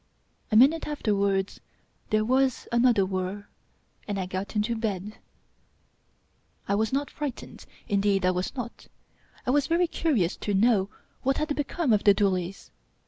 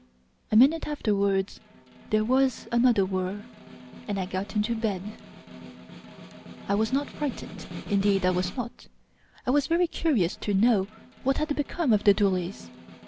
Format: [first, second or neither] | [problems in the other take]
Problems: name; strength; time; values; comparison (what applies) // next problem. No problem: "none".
first | background sound (Snare drum); 17 dB below the speech